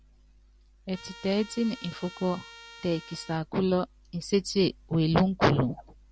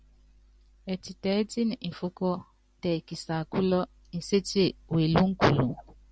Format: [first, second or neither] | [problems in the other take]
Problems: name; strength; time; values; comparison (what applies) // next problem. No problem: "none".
second | background sound (Trumpet); 19 dB below the speech